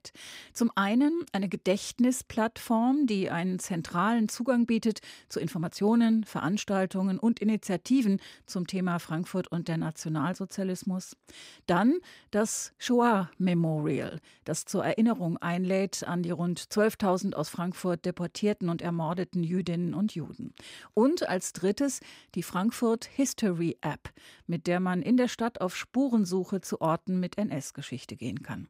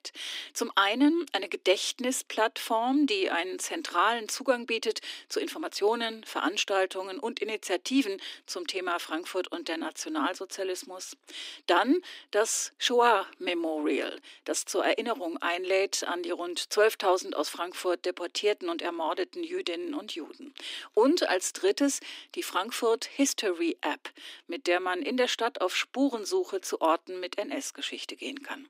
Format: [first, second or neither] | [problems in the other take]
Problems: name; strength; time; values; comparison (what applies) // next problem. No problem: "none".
first | thin; somewhat; fading below 300 Hz